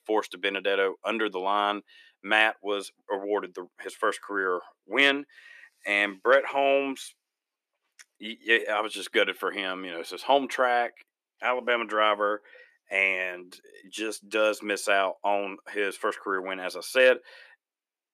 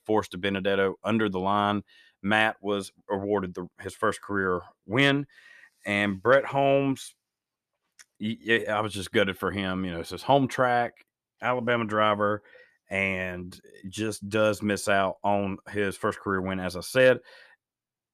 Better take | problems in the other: second | thin; somewhat; fading below 300 Hz

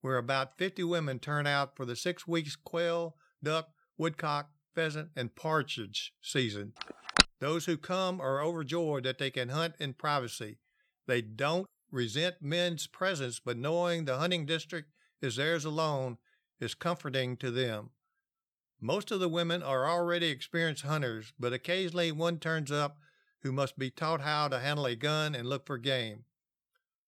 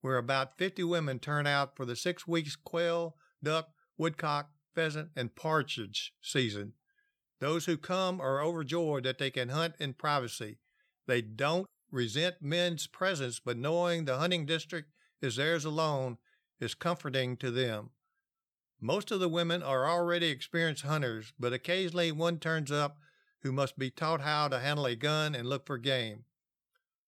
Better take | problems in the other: second | phone ringing; very faint; at 7 s; peak 8 dB above the speech

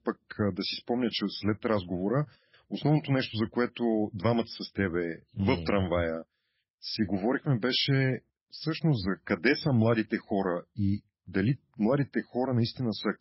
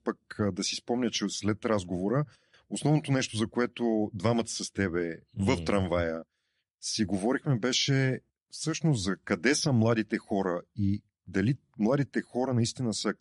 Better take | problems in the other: second | garbled, watery; badly; nothing above 5.5 kHz; slightly in the second

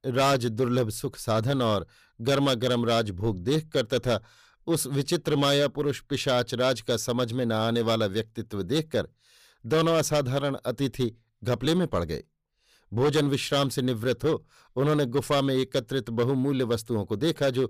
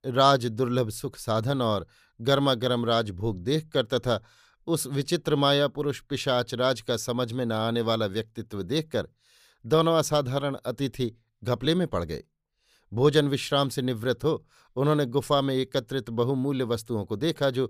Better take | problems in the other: second | distortion; slight; 6% of the sound clipped

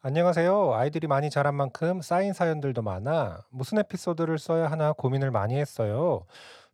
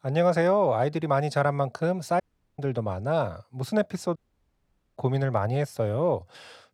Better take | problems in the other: first | audio cutting out; at 2 s and at 4 s for 1 s

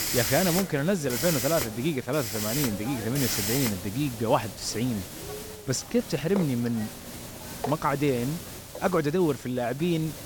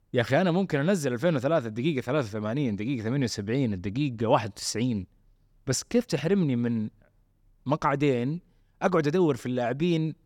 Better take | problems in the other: second | hiss; loud; throughout; 5 dB below the speech

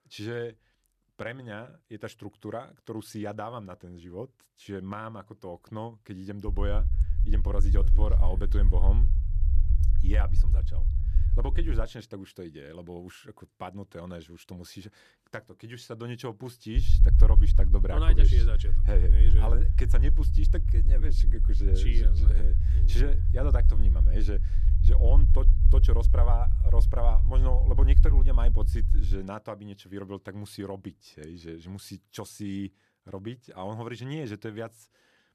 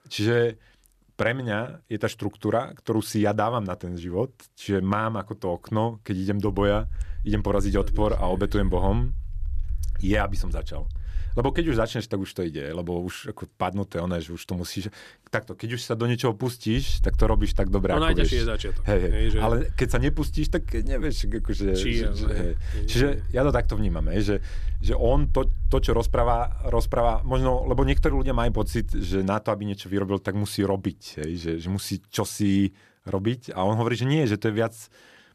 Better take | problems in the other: second | low rumble; loud; from 6.5 to 12 s and from 17 to 29 s; 6 dB below the speech; faint in the second

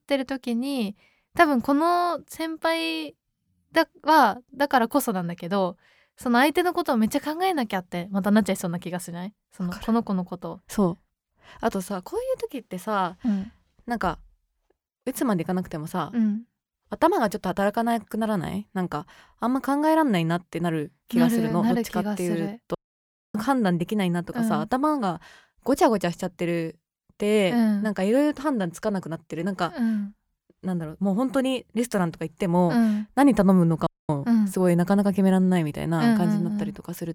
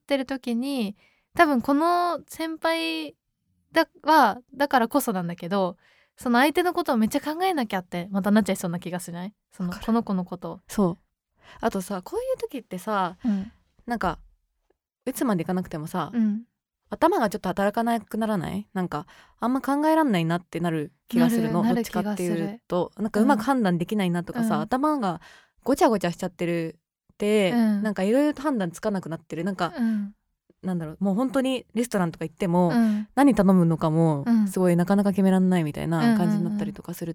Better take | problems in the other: second | audio cutting out; at 23 s for 0.5 s and at 34 s

